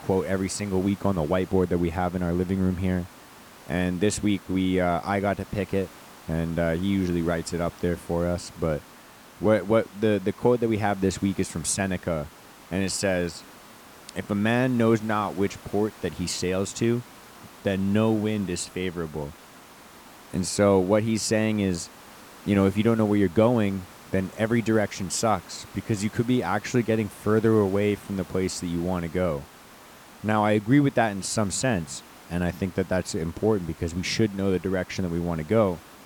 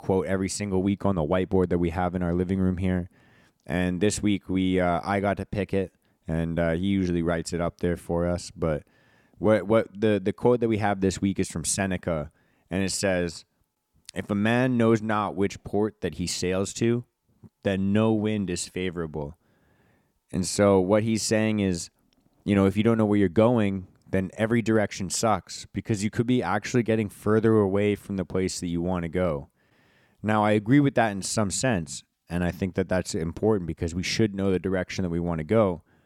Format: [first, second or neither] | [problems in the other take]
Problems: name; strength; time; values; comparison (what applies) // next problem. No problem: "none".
second | hiss; faint; throughout; 20 dB below the speech